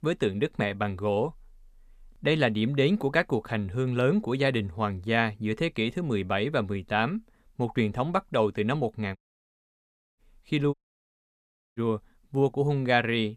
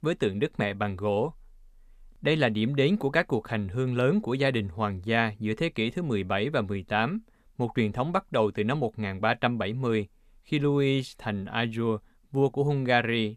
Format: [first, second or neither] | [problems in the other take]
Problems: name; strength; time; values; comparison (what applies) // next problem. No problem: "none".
second | audio cutting out; at 9 s for 1 s and at 11 s for 1 s